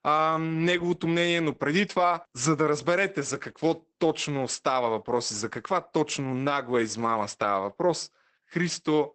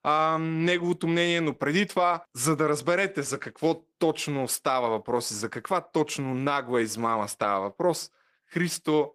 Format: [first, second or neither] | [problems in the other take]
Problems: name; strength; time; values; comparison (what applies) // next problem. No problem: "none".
second | garbled, watery; badly; nothing above 8 kHz; slightly in the second